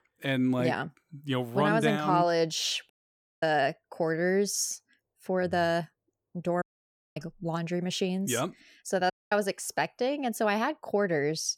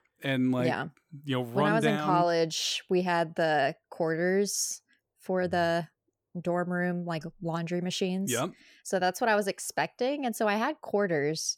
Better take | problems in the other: second | audio cutting out; at 3 s for 0.5 s, at 6.5 s for 0.5 s and at 9 s

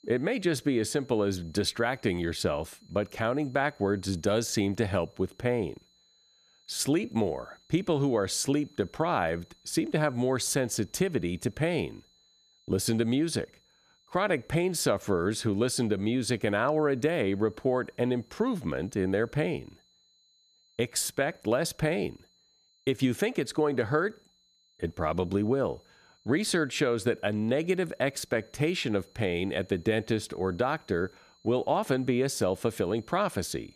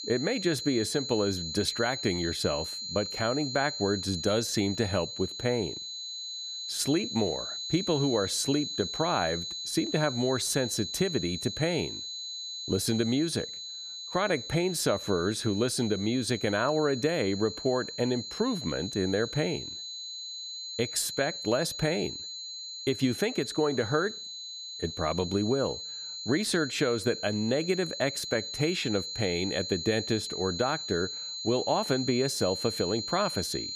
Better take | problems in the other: first | high-pitched whine; loud; throughout; 4 kHz, 6 dB below the speech; faint in the first

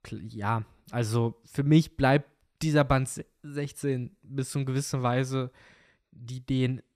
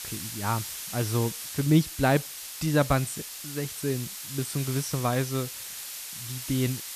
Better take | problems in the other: first | hiss; loud; throughout; 7 dB below the speech

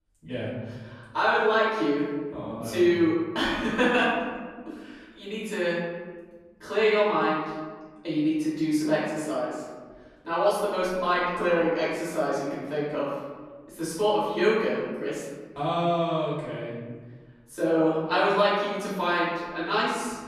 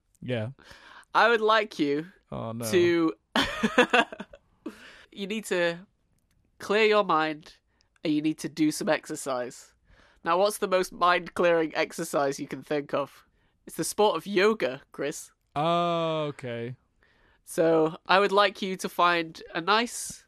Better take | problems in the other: second | off-mic speech; far // room echo; noticeable; dies away in 1.4 s

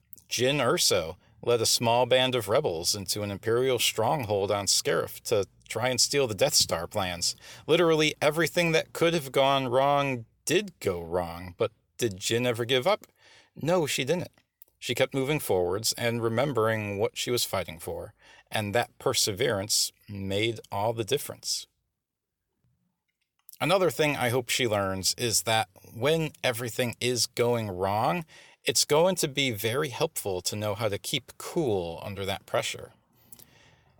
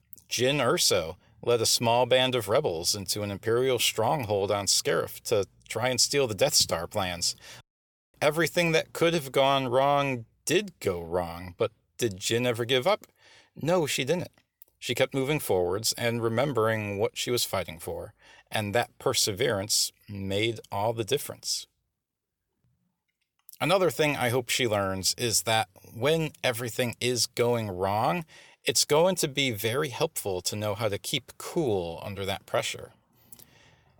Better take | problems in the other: first | audio cutting out; at 7.5 s for 0.5 s

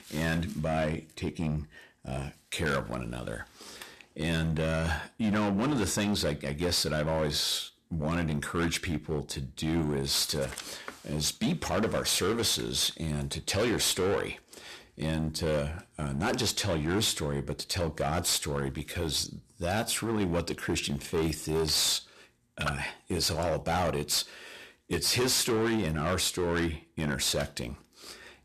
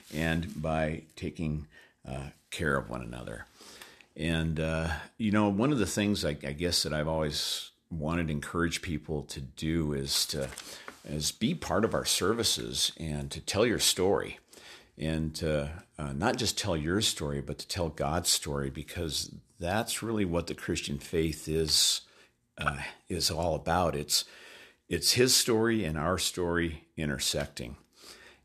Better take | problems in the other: second | distortion; heavy; 12% of the sound clipped

